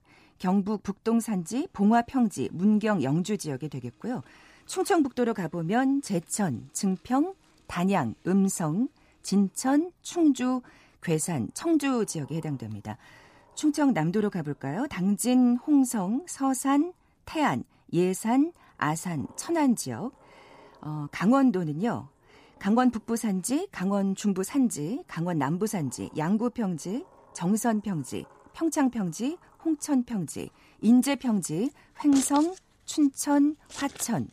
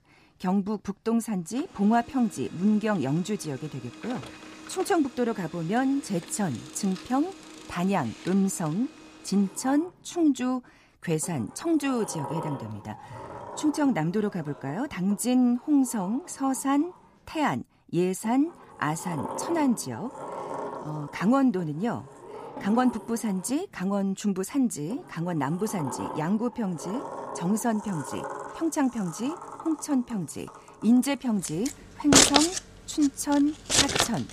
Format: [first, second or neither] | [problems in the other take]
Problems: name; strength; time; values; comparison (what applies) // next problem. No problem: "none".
first | household noises; loud; throughout; 3 dB below the speech; faint in the first